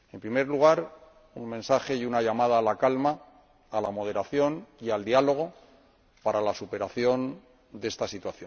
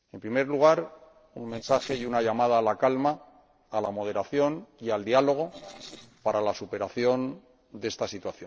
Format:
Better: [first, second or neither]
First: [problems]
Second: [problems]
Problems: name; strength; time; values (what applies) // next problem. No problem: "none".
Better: first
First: none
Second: noise reduction (neural separator model SepFormer DNS4)